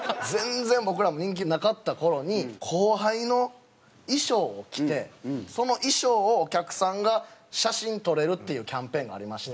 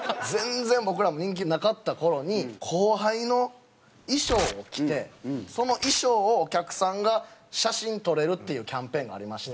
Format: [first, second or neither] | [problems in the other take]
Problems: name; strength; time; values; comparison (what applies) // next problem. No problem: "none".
first | background sound (Tearing); 13 dB below the speech